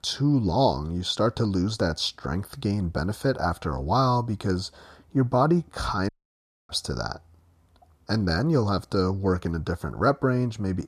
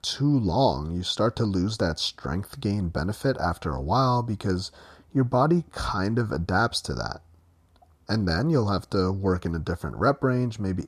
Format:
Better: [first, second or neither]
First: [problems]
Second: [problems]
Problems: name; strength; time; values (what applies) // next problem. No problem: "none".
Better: second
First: audio cutting out; at 6 s for 0.5 s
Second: none